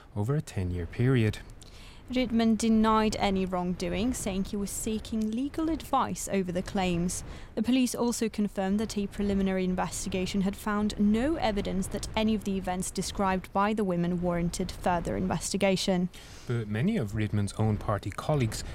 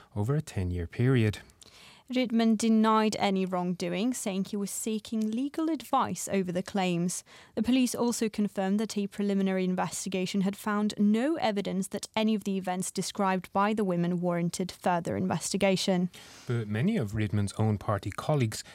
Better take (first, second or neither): second